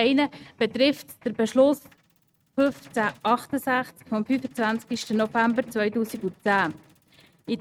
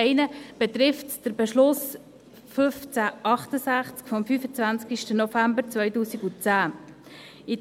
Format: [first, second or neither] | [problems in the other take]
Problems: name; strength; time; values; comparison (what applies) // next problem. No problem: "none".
second | noise reduction (neural mask model RNNoise)